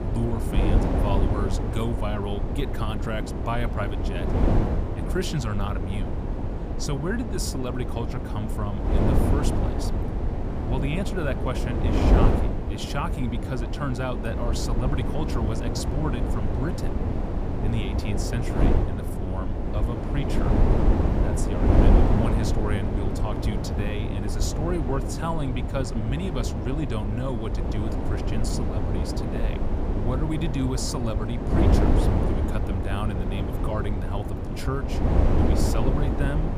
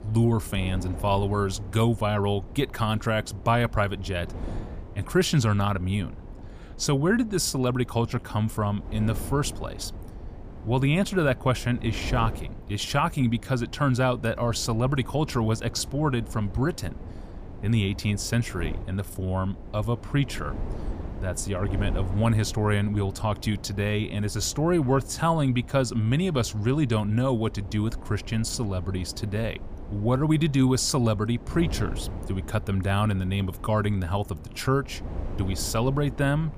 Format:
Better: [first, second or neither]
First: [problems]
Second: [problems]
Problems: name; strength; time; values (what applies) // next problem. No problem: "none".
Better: second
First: wind noise on the microphone; heavy; 1 dB above the speech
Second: wind noise on the microphone; occasional gusts; 15 dB below the speech